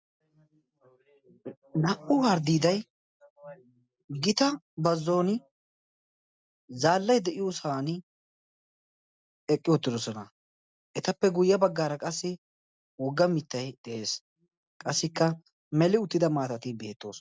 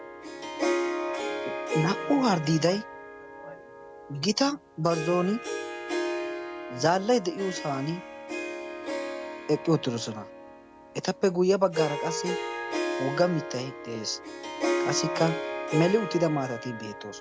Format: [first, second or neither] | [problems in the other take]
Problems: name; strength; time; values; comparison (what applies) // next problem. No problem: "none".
first | background sound (Harp); 4 dB below the speech